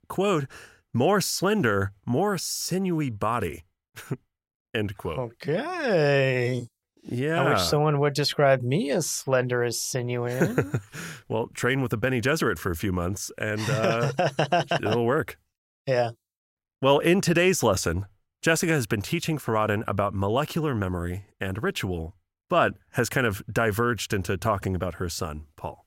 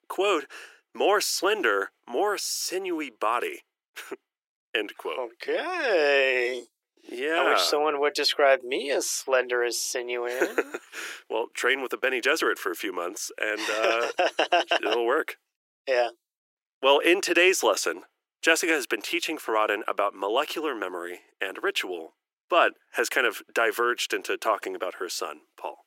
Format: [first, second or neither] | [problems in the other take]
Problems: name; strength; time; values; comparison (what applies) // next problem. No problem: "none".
first | thin; very; fading below 350 Hz